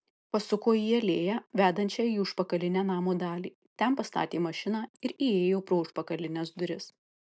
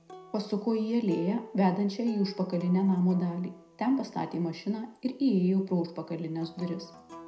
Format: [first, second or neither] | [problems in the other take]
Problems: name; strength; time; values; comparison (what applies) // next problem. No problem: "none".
first | background sound (Acoustic guitar); 19 dB below the speech // room echo; dies away in 0.5 s